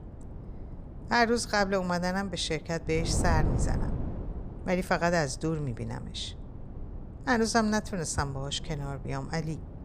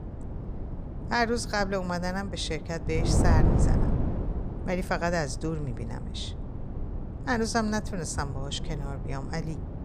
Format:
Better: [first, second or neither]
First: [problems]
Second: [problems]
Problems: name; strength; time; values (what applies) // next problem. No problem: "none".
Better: first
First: wind noise on the microphone; occasional gusts; 15 dB below the speech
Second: wind noise on the microphone; heavy; 9 dB below the speech